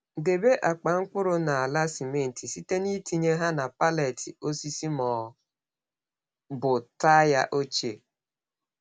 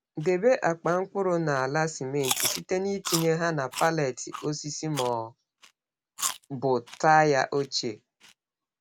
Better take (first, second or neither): first